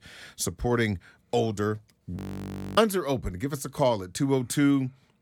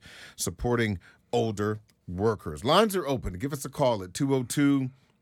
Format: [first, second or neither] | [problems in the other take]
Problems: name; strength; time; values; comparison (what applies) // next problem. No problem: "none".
second | audio freezing; at 2 s for 0.5 s